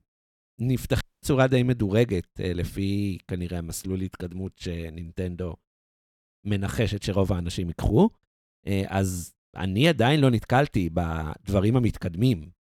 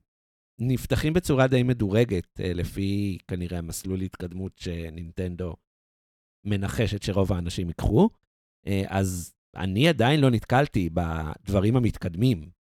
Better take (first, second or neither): second